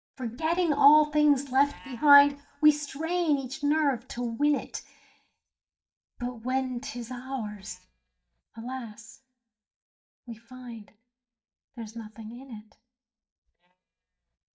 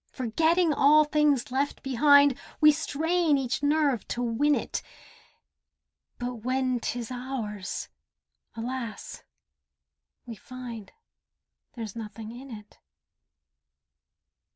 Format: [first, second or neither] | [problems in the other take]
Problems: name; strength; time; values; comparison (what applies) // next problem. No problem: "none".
second | noise reduction (neural mask model DeepFilterNet 3)